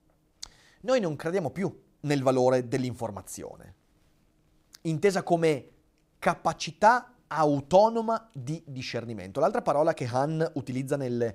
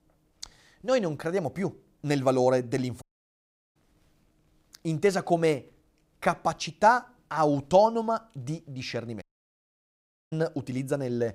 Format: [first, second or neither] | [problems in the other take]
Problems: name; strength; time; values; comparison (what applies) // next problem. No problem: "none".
first | audio cutting out; at 3 s for 0.5 s and at 9 s for 1 s